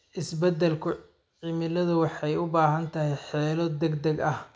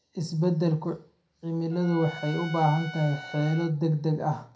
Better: first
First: none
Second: background sound (Trumpet); 16 dB below the speech // room echo; dies away in 0.2 s

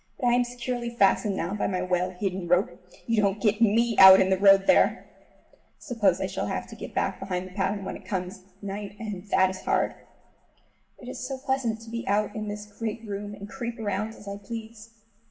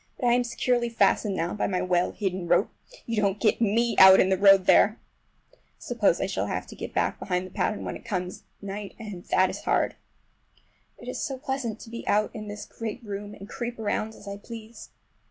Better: second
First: room echo; dies away in 1.5 s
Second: none

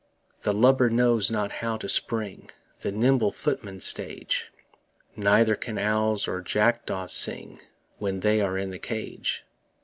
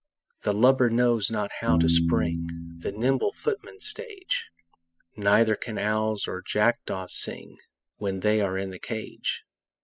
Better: first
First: none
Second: noise reduction (classical method spectral subtraction)

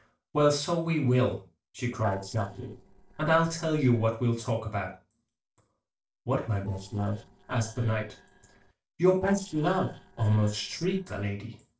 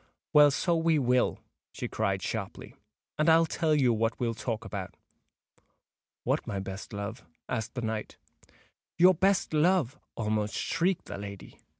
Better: second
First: noise reduction (neural separator model SepFormer DNS4)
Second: none

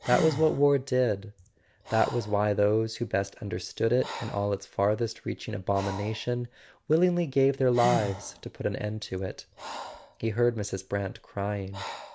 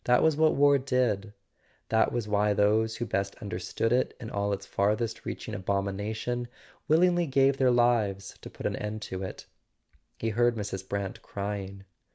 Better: second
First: background sound (Breathing); 14 dB below the speech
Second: none

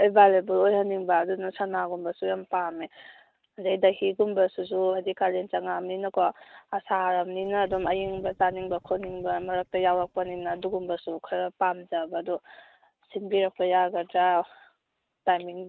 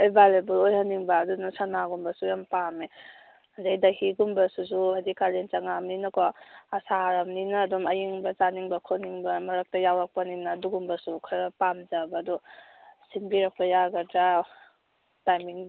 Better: second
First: noise reduction (neural mask model RNNoise)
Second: none

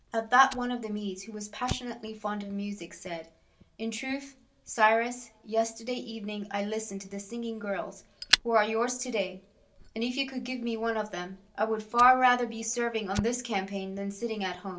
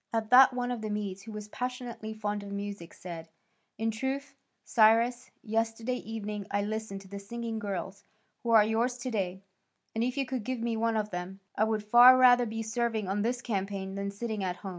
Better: second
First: background sound (Fire); 11 dB below the speech // room echo; dies away in 0.2 s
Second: none

